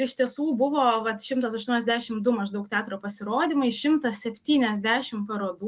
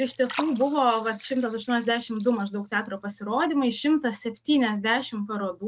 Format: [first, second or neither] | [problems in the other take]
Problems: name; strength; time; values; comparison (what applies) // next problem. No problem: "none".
first | noise reduction (neural mask model RNNoise)